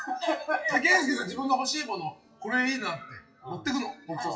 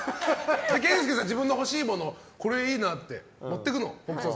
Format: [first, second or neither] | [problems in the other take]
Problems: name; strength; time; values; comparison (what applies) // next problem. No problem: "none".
second | noise reduction (classical method WPE with log-MMSE)